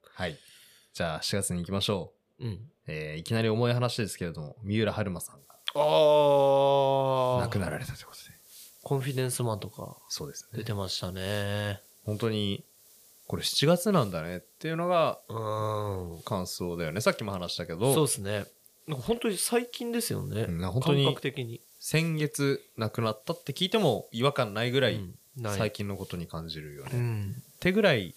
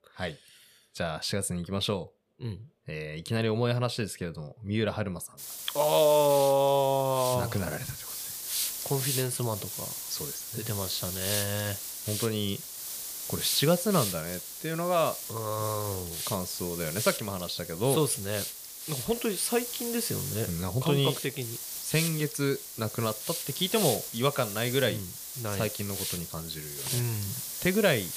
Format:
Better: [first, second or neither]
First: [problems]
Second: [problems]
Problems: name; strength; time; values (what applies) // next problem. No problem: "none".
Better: first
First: hiss; faint; from 5.5 s on; 25 dB below the speech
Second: hiss; loud; from 5.5 s on; 4 dB below the speech